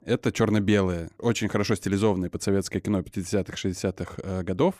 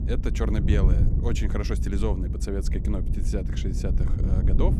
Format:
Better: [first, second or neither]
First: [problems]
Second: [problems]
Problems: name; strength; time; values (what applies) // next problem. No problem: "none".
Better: first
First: none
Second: low rumble; loud; throughout; 5 dB below the speech